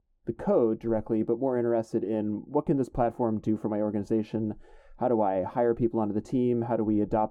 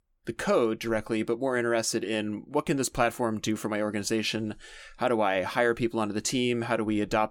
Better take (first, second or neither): second